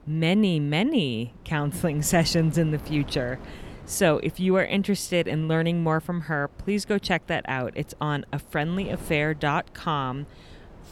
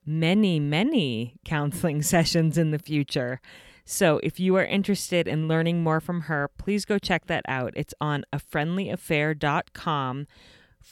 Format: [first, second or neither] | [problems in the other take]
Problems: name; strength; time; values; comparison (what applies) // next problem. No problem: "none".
second | wind noise on the microphone; occasional gusts; 20 dB below the speech